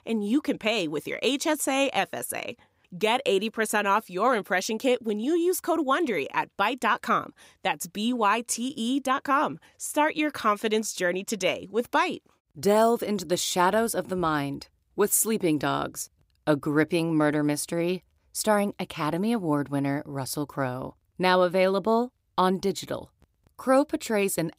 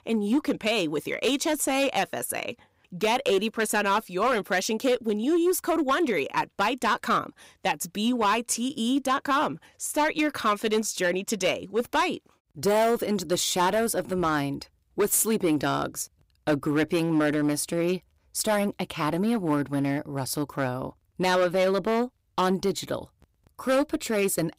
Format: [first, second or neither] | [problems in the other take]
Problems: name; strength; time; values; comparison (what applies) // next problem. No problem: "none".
first | distortion; slight; 6% of the sound clipped